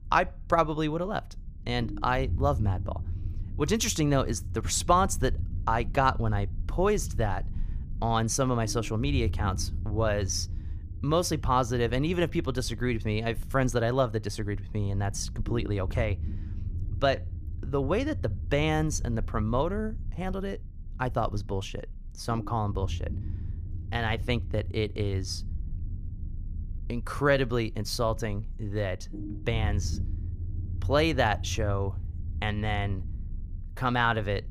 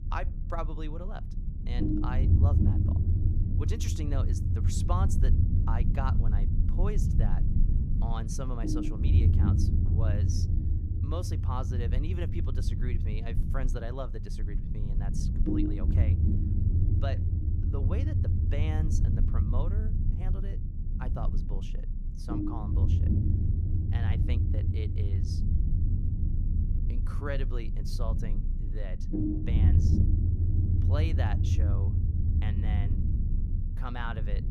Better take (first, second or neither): first